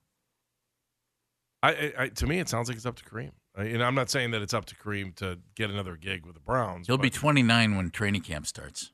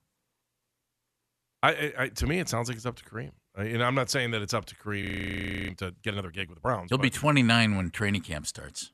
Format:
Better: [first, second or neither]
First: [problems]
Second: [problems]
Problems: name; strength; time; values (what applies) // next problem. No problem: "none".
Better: first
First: none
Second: audio freezing; at 5 s for 0.5 s